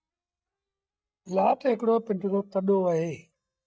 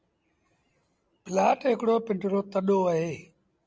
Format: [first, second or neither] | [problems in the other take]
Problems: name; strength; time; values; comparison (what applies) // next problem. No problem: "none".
second | noise reduction (neural mask model DeepFilterNet 3)